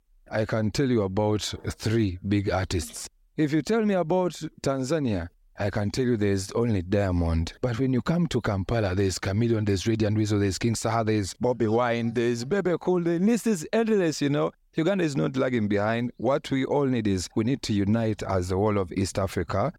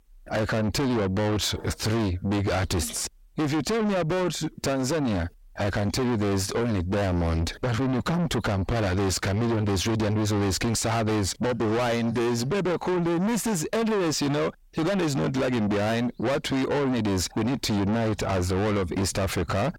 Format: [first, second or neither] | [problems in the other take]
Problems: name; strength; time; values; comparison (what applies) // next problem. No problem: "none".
first | distortion; heavy; 6 dB below the speech